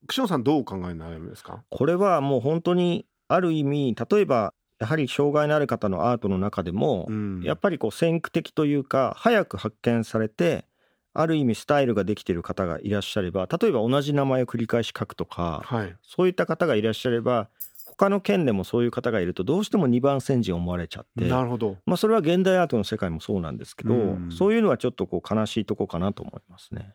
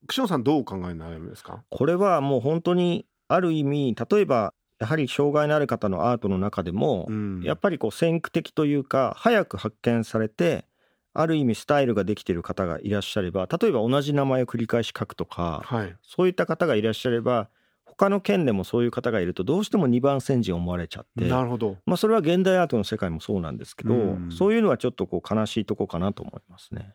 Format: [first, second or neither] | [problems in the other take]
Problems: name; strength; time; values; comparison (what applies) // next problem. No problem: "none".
second | jangling keys; faint; at 18 s; peak 15 dB below the speech